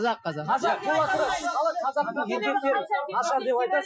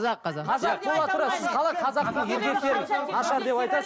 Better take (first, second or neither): second